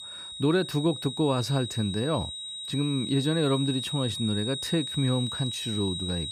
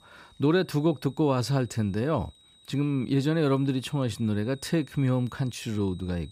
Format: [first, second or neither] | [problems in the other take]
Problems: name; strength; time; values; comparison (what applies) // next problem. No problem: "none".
second | high-pitched whine; loud; throughout; 4 kHz, 5 dB below the speech; faint in the second